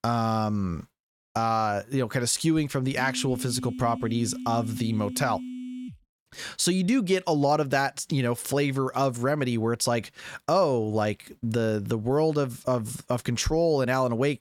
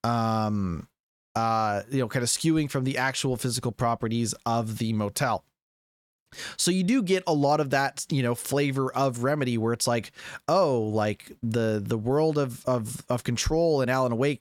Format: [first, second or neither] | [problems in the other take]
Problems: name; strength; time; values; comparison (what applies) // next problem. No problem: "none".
second | phone ringing; noticeable; from 3 to 6 s; peak 10 dB below the speech